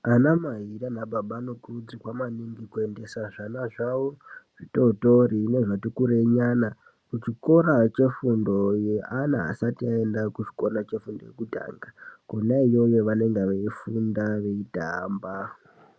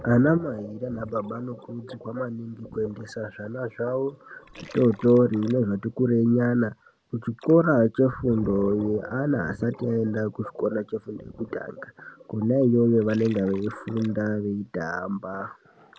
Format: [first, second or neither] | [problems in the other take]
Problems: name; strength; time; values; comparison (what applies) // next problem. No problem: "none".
first | background sound (Gurgling); 20 dB below the speech